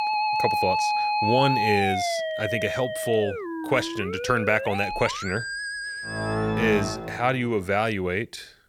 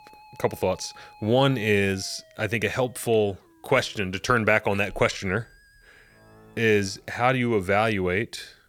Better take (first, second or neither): second